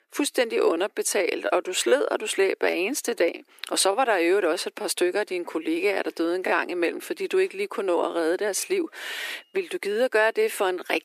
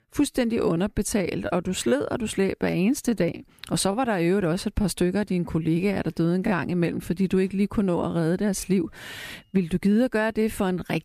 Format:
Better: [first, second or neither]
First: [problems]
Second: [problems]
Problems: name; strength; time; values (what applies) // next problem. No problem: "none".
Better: second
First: thin; very; fading below 350 Hz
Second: none